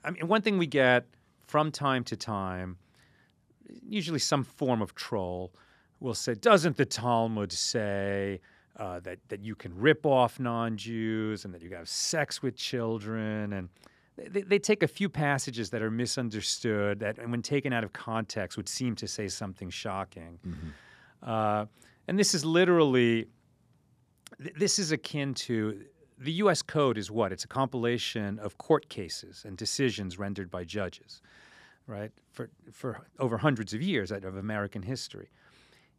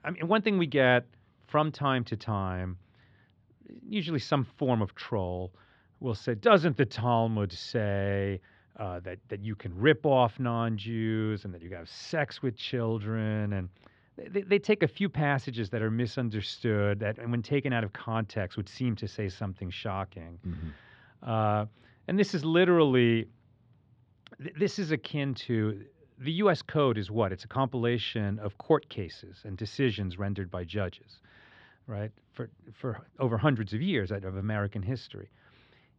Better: first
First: none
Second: muffled; slightly; fading above 3.5 kHz

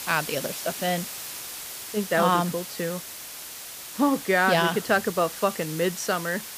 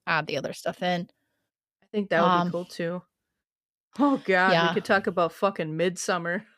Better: second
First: hiss; loud; throughout; 9 dB below the speech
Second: none

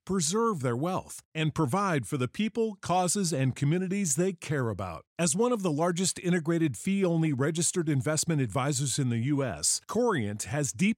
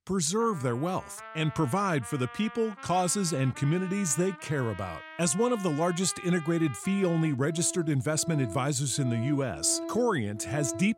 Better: first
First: none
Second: background music; noticeable; throughout; 15 dB below the speech

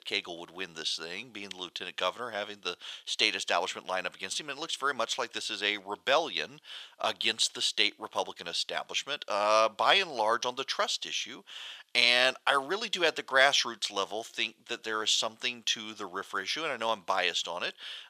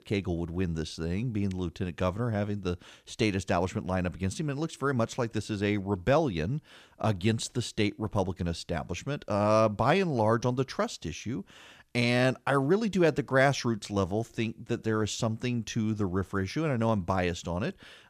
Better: second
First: thin; very; fading below 750 Hz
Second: none

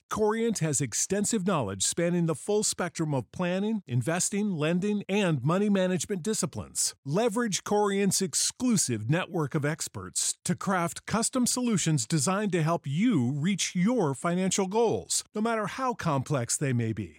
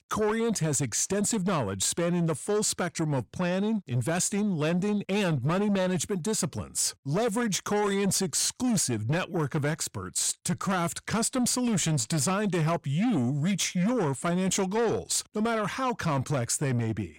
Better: first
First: none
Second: distortion; slight; 10 dB below the speech

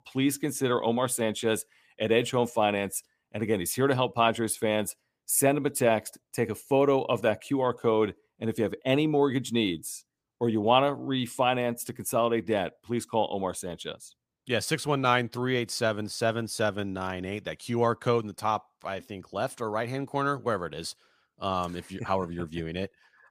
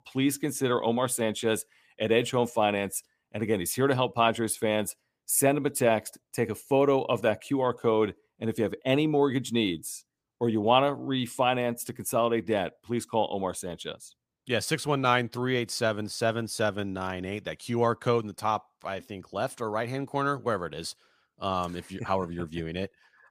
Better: neither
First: none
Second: none

